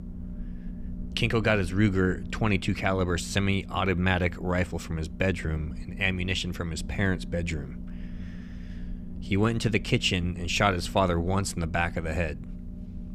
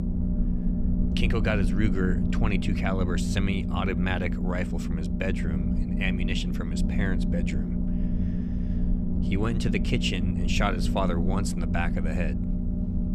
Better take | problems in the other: first | low rumble; loud; throughout; 5 dB below the speech; faint in the first

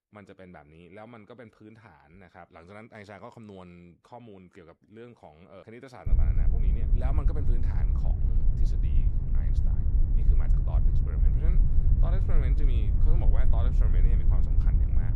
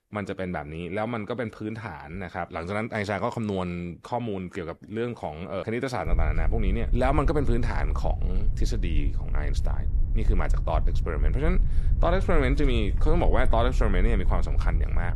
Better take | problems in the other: second | wind noise on the microphone; heavy; from 6 s on; 1 dB above the speech; occasional gusts in the second

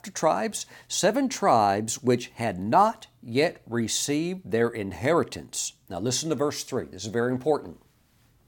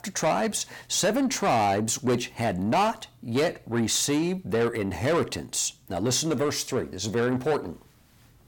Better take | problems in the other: first | distortion; heavy; 8 dB below the speech

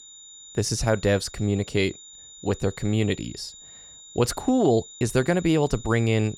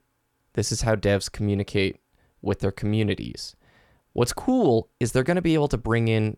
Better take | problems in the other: second | high-pitched whine; noticeable; throughout; 7 kHz, 20 dB below the speech

